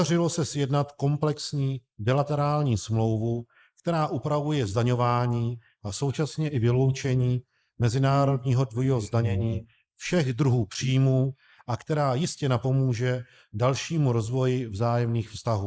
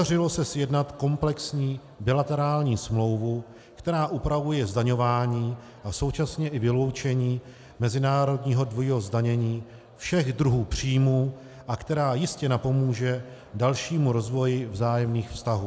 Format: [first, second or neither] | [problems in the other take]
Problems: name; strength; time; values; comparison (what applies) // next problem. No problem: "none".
second | noise reduction (neural mask model Resemble Enhance denoiser)